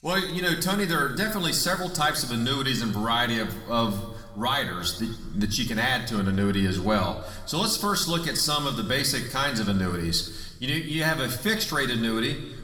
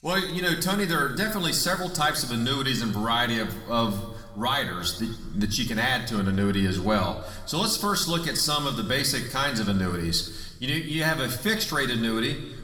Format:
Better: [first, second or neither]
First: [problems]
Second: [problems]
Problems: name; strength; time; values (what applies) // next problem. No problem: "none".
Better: neither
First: room echo; slight; dies away in 1.2 s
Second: room echo; slight; dies away in 1.2 s